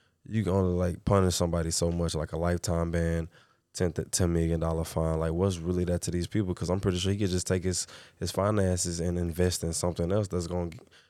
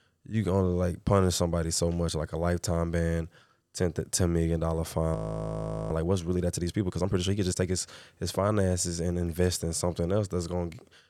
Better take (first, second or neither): first